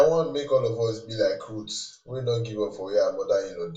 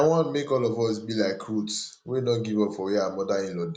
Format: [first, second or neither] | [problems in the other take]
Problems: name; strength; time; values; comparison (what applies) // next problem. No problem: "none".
second | room echo; dies away in 0.2 s